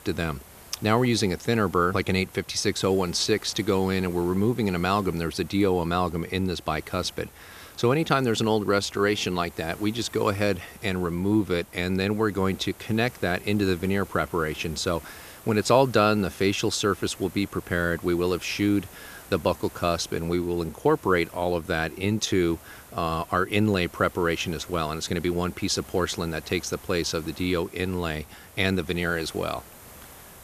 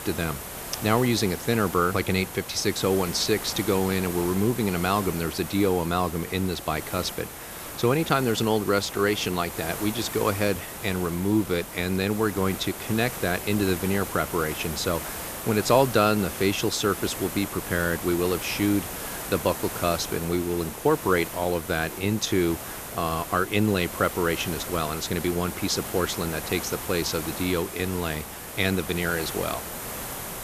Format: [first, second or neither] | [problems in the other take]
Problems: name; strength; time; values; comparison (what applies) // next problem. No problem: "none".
first | hiss; loud; throughout; 8 dB below the speech; faint in the first